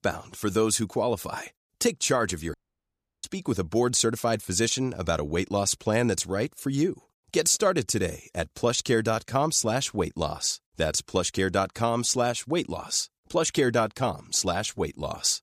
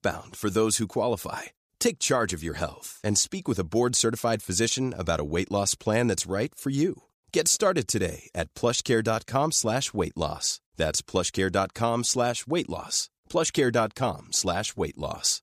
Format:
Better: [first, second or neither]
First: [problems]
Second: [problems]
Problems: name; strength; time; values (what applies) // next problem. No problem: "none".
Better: second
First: audio cutting out; at 2.5 s for 0.5 s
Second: none